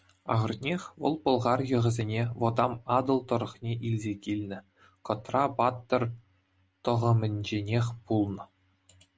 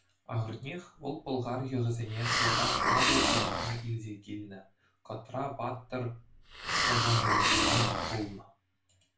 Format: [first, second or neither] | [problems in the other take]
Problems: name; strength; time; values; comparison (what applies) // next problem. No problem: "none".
first | background sound (Hiss); 5 dB above the speech // room echo; dies away in 0.3 s